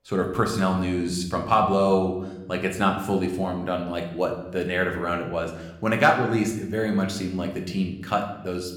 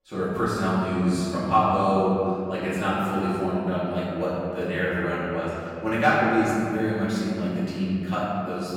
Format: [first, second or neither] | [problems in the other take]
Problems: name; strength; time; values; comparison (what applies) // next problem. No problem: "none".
first | room echo; strong; dies away in 2.6 s; slight in the first // off-mic speech; far